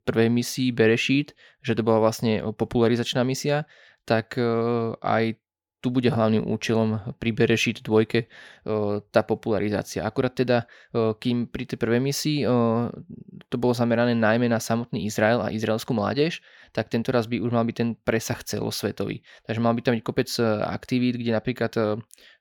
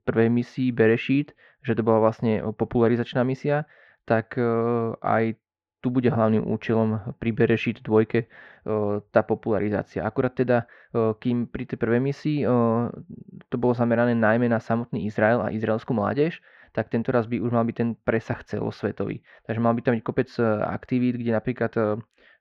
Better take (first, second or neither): first